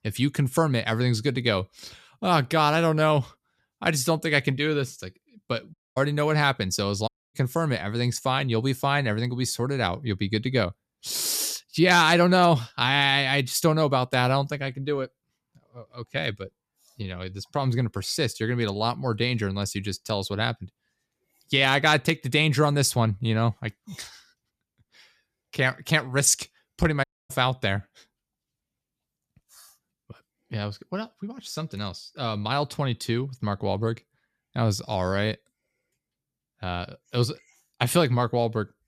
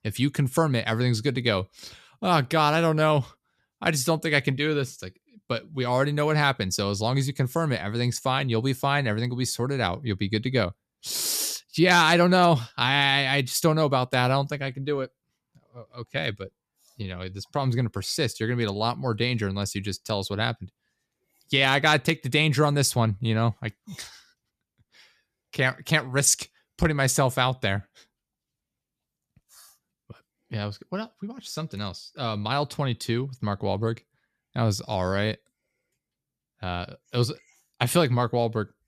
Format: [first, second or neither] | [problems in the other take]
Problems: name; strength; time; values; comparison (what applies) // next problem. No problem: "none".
second | audio cutting out; at 5.5 s, at 7 s and at 27 s